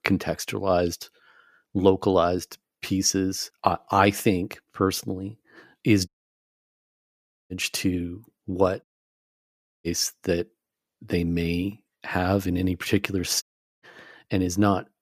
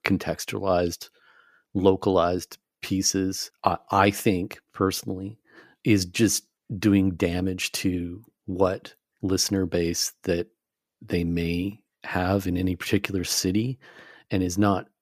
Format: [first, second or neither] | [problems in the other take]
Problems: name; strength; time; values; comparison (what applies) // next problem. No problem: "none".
second | audio cutting out; at 6 s for 1.5 s, at 9 s for 1 s and at 13 s